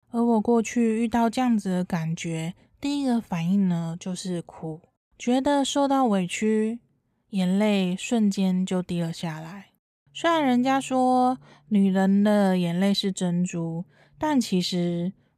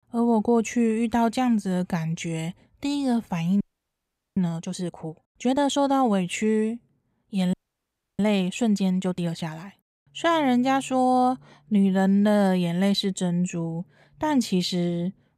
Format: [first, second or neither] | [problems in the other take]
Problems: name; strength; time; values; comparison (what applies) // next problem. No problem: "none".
first | audio freezing; at 3.5 s for 1 s and at 7.5 s for 0.5 s